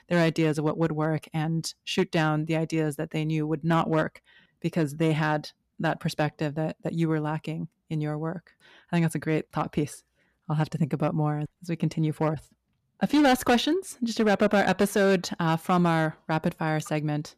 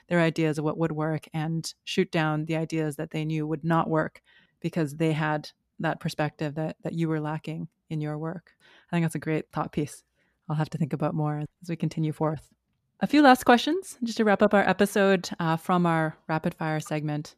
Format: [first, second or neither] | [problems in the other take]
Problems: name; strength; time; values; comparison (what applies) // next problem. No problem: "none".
second | distortion; slight; 3% of the sound clipped